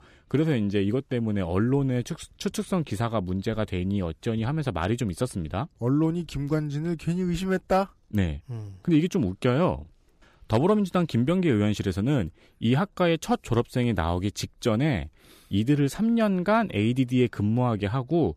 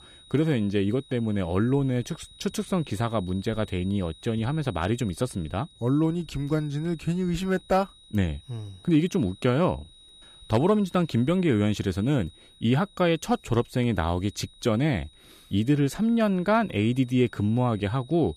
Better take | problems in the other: first | high-pitched whine; faint; throughout; 4 kHz, 25 dB below the speech

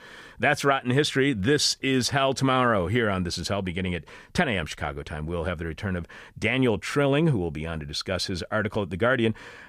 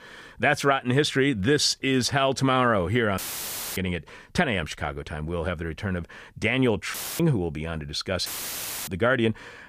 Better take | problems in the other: first | audio cutting out; filled with static; at 3 s for 0.5 s, at 7 s and at 8.5 s for 0.5 s

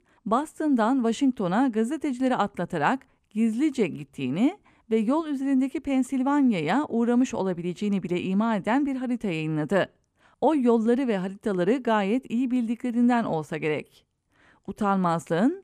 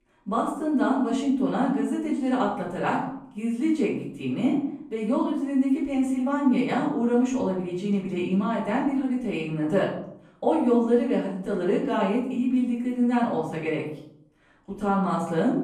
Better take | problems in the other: first | room echo; noticeable; dies away in 0.6 s // off-mic speech; far

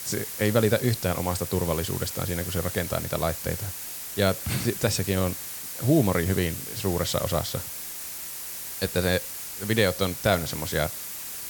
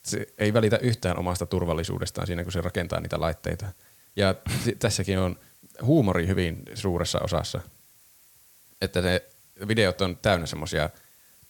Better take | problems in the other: second | hiss; loud; throughout; 6 dB below the speech; faint in the second

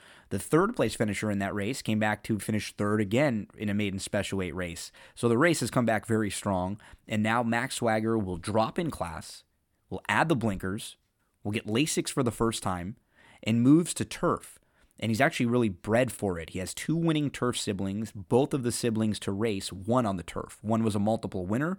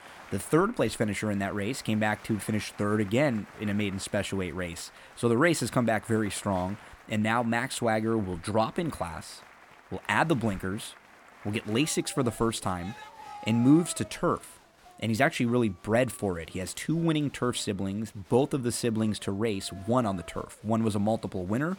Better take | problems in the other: first | crowd noise; faint; throughout; 20 dB below the speech

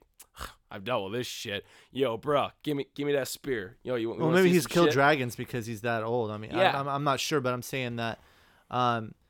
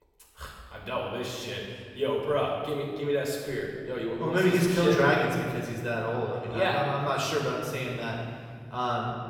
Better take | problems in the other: first | off-mic speech; far // room echo; noticeable; dies away in 1.8 s

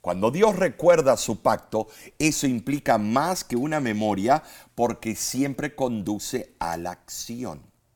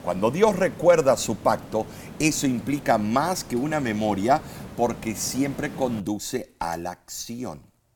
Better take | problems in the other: first | hiss; noticeable; until 6 s; 15 dB below the speech

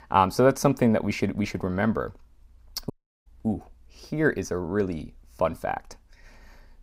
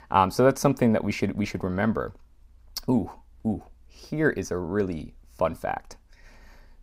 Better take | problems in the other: second | audio cutting out; at 3 s

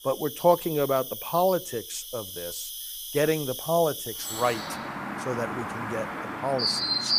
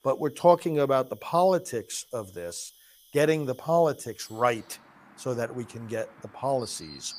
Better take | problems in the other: second | animal sounds; loud; throughout; 4 dB below the speech; faint in the second

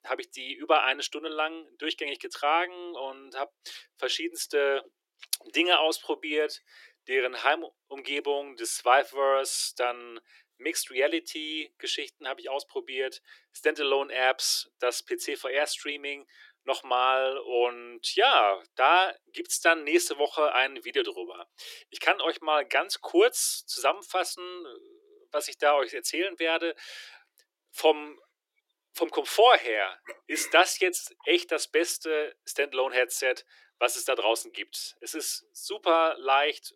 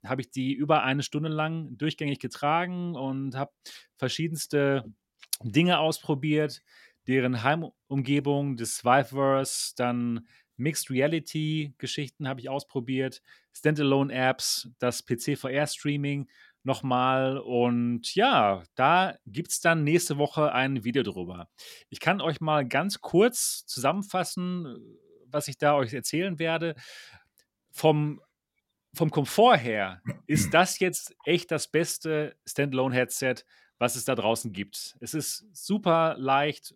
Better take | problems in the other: second | thin; very; fading below 350 Hz

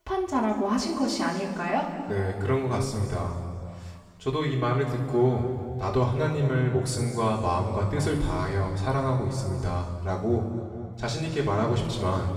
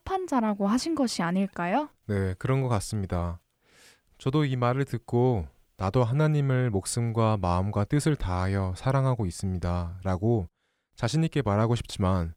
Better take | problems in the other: second | room echo; noticeable; dies away in 2.1 s // off-mic speech; far

